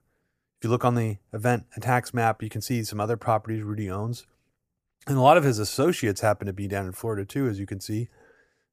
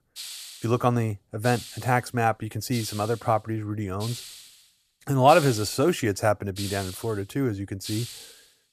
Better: first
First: none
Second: hiss; noticeable; throughout; 15 dB below the speech

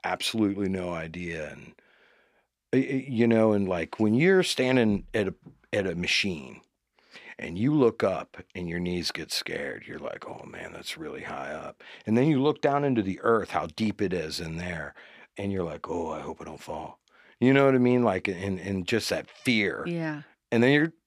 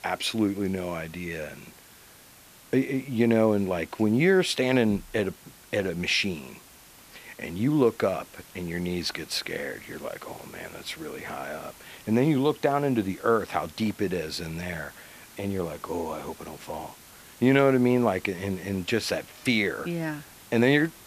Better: first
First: none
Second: hiss; faint; throughout; 20 dB below the speech

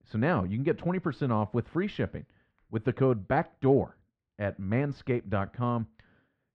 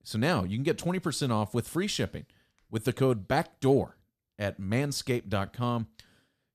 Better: second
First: muffled; very; fading above 2 kHz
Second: none

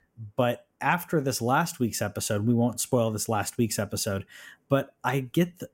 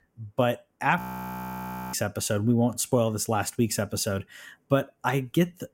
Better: first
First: none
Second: audio freezing; at 1 s for 1 s

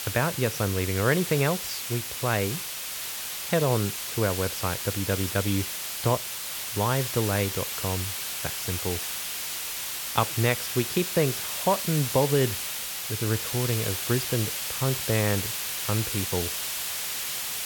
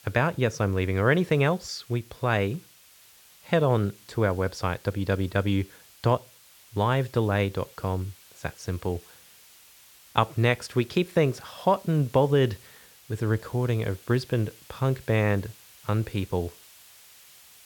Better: second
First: hiss; loud; throughout; 2 dB below the speech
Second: hiss; faint; throughout; 25 dB below the speech

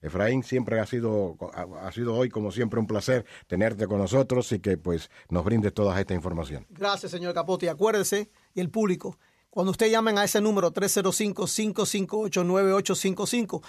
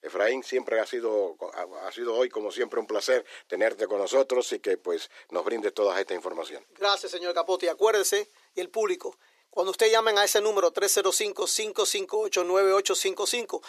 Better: first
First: none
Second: thin; very; fading below 350 Hz

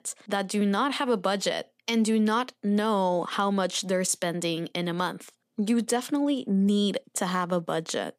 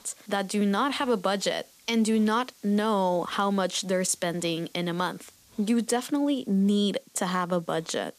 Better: first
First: none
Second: hiss; faint; throughout; 25 dB below the speech

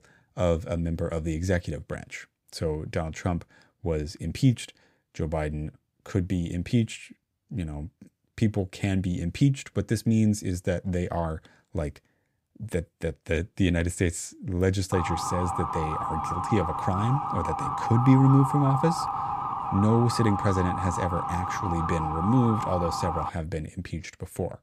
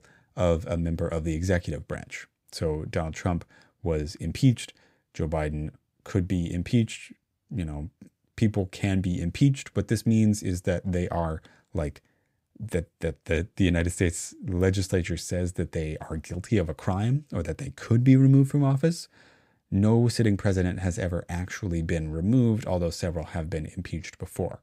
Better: second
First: siren; noticeable; from 15 to 23 s; peak 1 dB below the speech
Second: none

